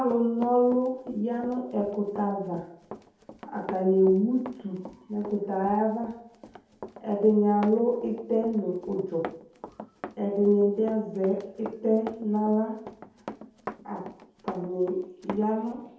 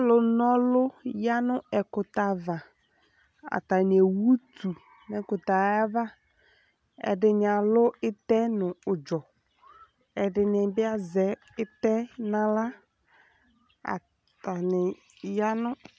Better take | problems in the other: second | background sound (Run); 16 dB below the speech // room echo; dies away in 0.7 s

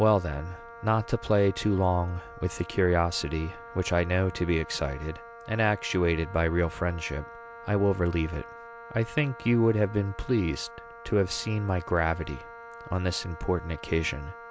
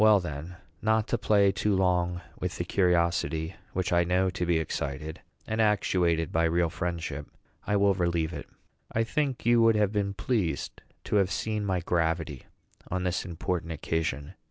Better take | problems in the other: second | background sound (Wind instrument, woodwind instrument); 17 dB below the speech

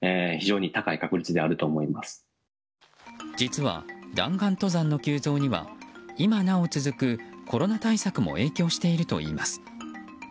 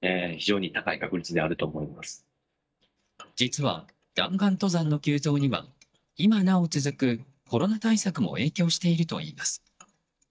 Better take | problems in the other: first | noise reduction (neural mask model DeepFilterNet 3)

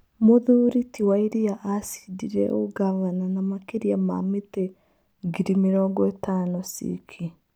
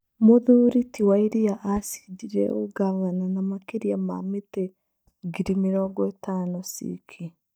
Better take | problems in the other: first | noise reduction (neural mask model DeepFilterNet 3)

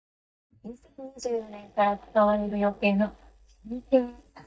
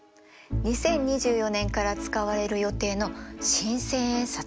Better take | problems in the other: second | noise reduction (neural mask model DeepFilterNet 3)

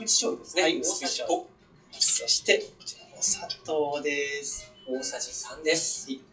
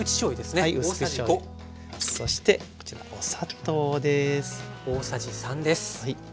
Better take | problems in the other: second | noise reduction (classical method WPE with log-MMSE)

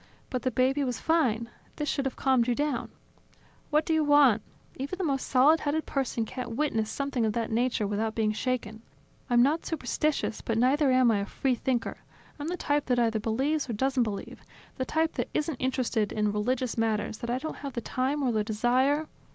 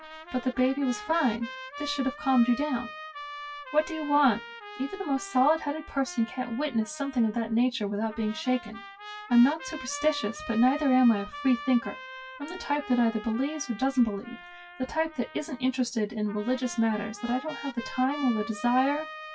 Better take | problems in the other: first | noise reduction (classical method WPE with log-MMSE)

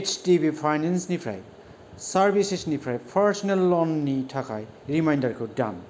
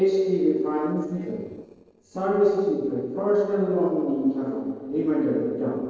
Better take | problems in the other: first | noise reduction (neural separator model SepFormer DNS4)

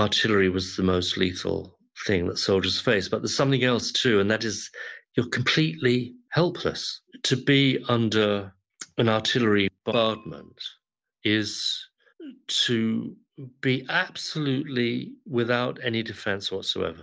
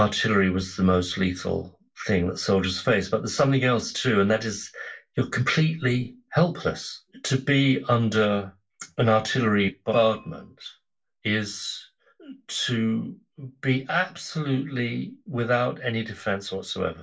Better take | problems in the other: first | room echo; dies away in 0.2 s

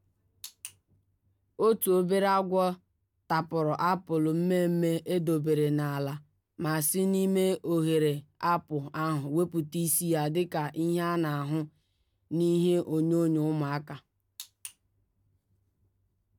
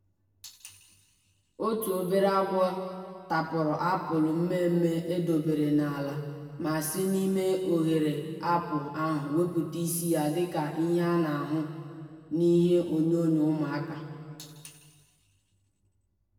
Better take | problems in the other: first | room echo; dies away in 2 s

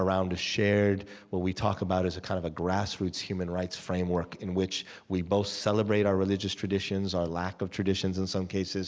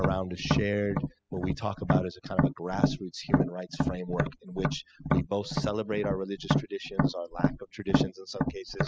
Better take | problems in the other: first | noise reduction (classical method spectral subtraction)

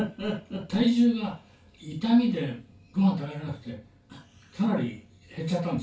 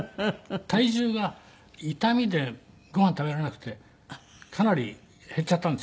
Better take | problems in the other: second | room echo; dies away in 0.2 s

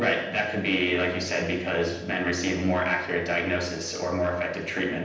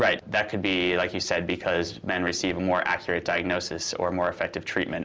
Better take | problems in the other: second | room echo; dies away in 0.9 s

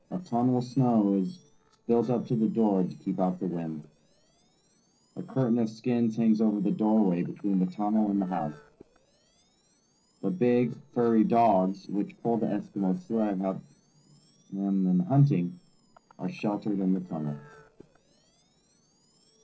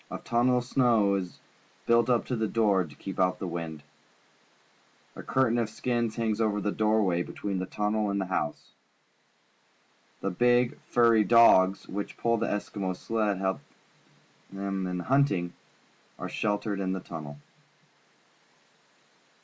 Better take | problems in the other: second | noise reduction (neural separator model SepFormer DNS4)

